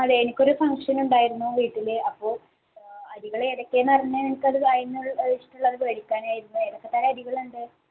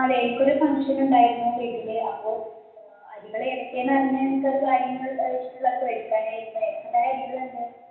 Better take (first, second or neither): first